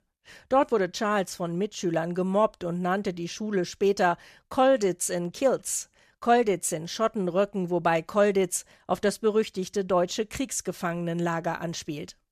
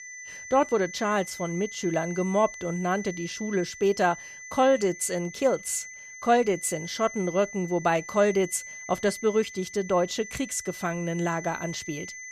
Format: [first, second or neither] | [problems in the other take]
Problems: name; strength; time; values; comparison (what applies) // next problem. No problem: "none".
first | high-pitched whine; noticeable; throughout; 2 kHz, 10 dB below the speech